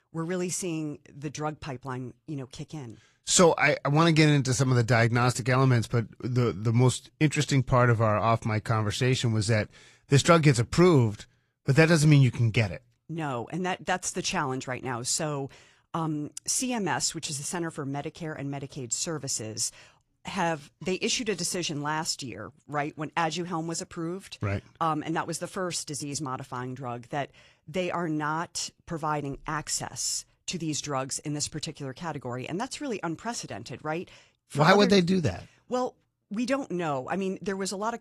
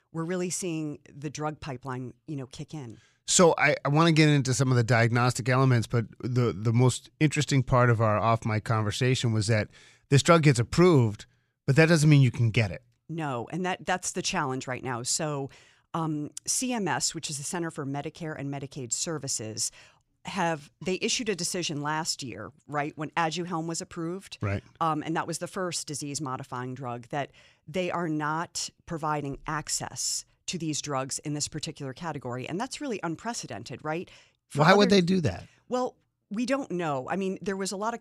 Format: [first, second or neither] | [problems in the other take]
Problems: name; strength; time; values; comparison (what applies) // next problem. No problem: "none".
second | garbled, watery; slightly